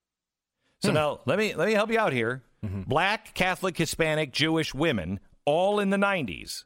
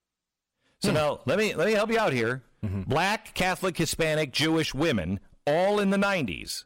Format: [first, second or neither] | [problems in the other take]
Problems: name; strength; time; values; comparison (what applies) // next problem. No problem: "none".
first | distortion; slight; 9% of the sound clipped